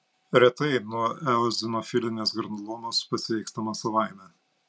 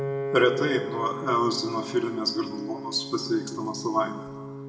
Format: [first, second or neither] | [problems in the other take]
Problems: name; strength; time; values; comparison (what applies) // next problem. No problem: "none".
first | background sound (Piano); 7 dB below the speech // room echo; dies away in 1.2 s